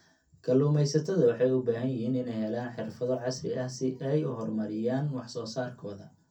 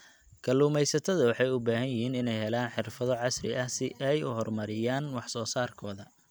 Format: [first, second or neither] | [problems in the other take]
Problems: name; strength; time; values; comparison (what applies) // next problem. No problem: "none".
second | room echo; dies away in 0.3 s